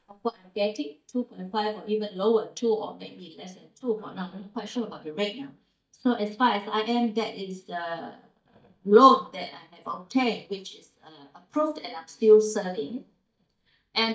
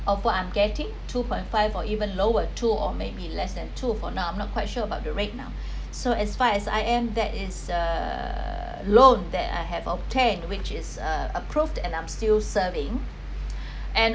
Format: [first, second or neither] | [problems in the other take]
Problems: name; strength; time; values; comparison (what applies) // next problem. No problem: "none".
second | noise reduction (neural mask model DeepFilterNet 3)